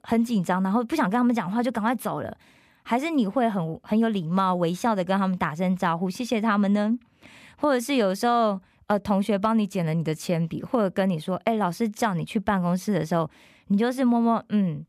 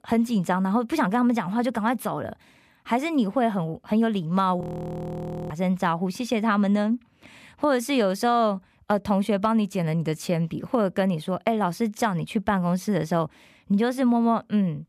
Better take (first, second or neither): first